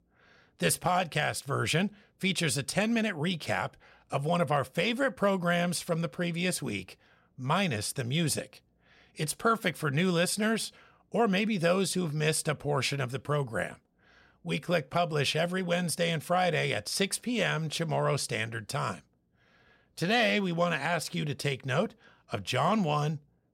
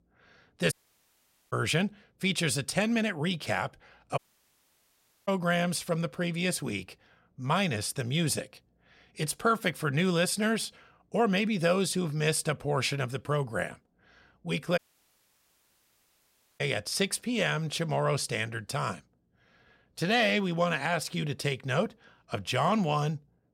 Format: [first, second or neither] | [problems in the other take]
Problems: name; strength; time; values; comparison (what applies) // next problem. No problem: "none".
first | audio cutting out; at 0.5 s for 1 s, at 4 s for 1 s and at 15 s for 2 s